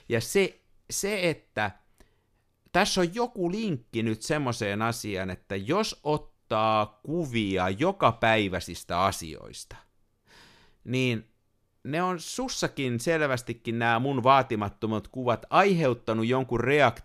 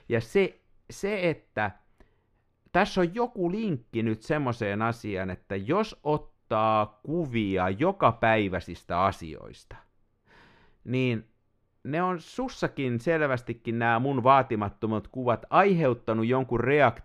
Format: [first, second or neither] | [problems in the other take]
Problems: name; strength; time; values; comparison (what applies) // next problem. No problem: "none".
first | muffled; slightly; fading above 4 kHz